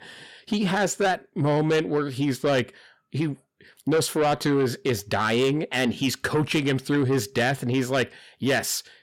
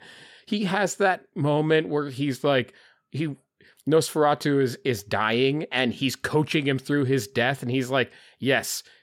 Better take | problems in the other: second | distortion; slight; 10 dB below the speech

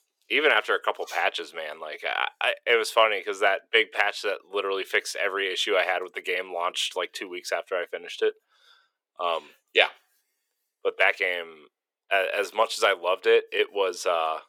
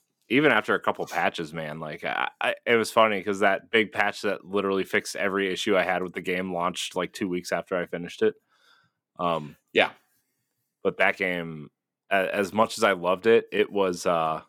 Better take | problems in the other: second | thin; very; fading below 450 Hz

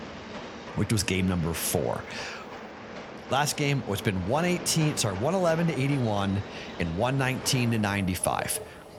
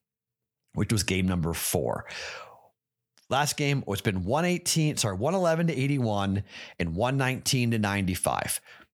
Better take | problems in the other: second | train or aircraft noise; noticeable; throughout; 15 dB below the speech

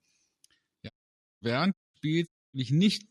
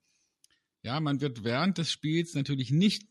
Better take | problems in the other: second | audio cutting out; at 1 s for 0.5 s, at 1.5 s and at 2.5 s

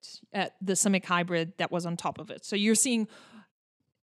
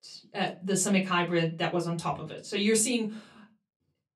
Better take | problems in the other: first | off-mic speech; somewhat distant // room echo; very slight; dies away in 0.2 s

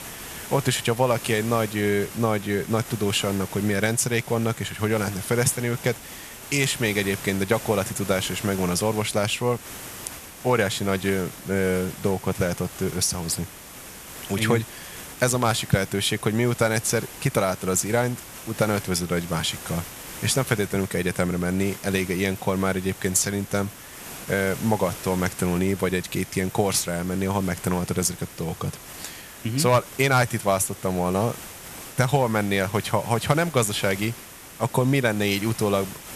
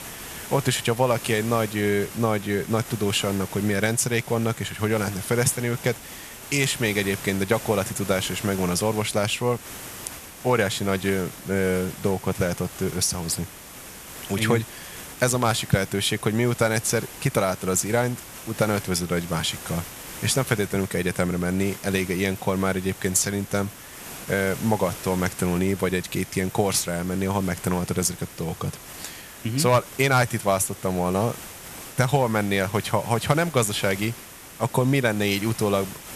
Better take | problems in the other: neither | hiss; noticeable; throughout; 15 dB below the speech; the same in both

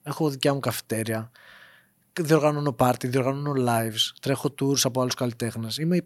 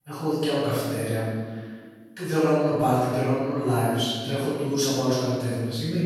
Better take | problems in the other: first | off-mic speech; far // room echo; strong; dies away in 1.5 s

